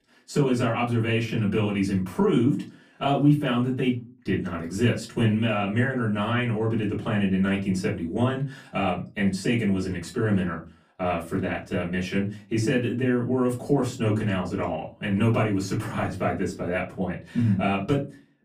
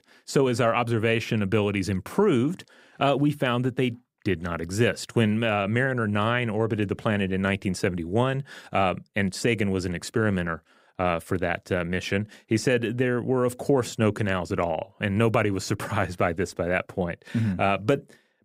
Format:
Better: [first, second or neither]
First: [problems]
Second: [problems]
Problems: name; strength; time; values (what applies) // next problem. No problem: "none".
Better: second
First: off-mic speech; far // room echo; very slight; dies away in 0.3 s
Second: none